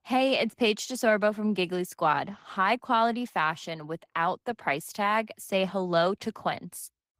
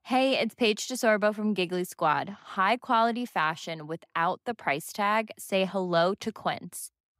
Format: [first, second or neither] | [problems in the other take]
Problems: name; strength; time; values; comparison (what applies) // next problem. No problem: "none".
second | garbled, watery; slightly; nothing above 15.5 kHz